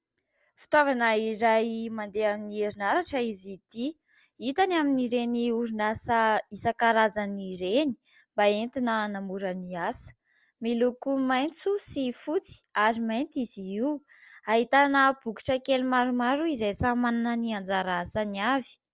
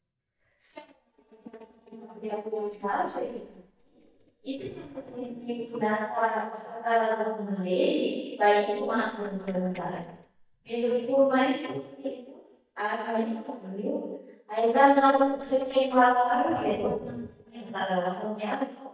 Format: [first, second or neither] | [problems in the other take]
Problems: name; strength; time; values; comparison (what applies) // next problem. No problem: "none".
first | noise reduction (neural mask model DeepFilterNet 3)